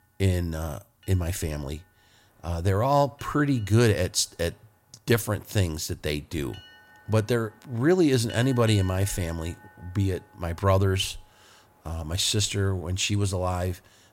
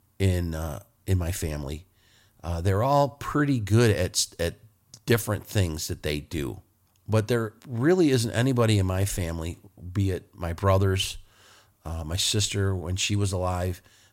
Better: second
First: train or aircraft noise; faint; throughout; 25 dB below the speech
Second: none

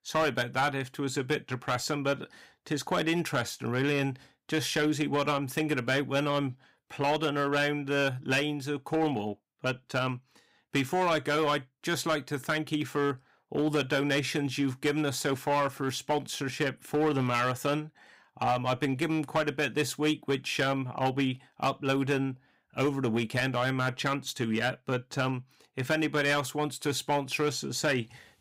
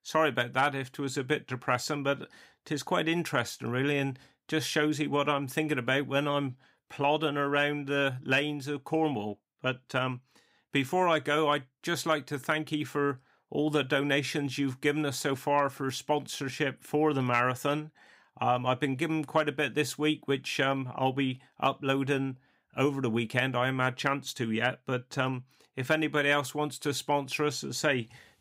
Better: second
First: distortion; slight; 5% of the sound clipped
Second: none

